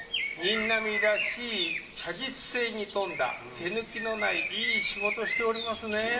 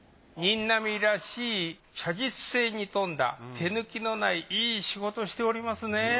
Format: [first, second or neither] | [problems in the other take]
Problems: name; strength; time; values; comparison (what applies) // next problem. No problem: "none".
second | background sound (Bird); 3 dB below the speech // room echo; dies away in 0.6 s